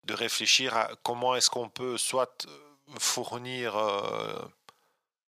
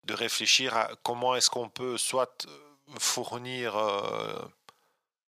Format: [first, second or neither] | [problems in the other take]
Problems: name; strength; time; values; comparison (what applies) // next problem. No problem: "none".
neither | thin; very; fading below 450 Hz; the same in both